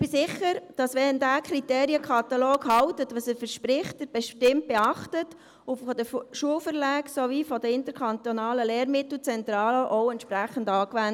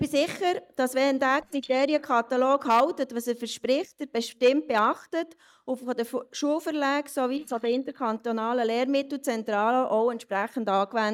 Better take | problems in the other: first | noise reduction (neural mask model DeepFilterNet 3)

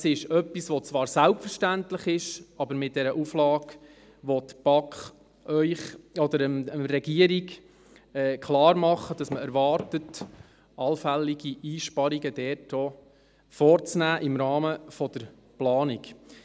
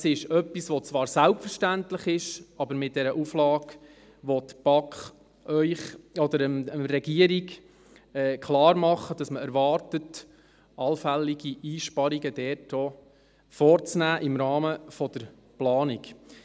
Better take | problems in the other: second | background sound (Walk, footsteps); 15 dB below the speech

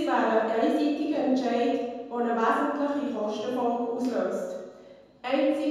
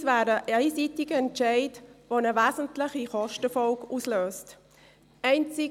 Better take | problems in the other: second | room echo; dies away in 1.2 s

